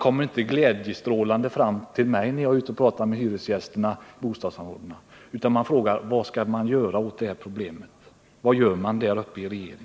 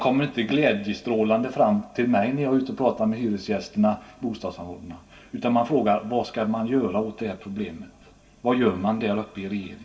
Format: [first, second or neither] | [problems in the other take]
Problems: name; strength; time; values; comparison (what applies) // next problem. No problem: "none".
first | room echo; dies away in 0.2 s